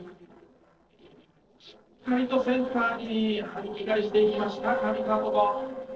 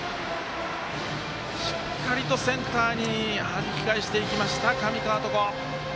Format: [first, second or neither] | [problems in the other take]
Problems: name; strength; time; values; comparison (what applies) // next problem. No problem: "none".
second | noise reduction (neural separator model SepFormer DNS4)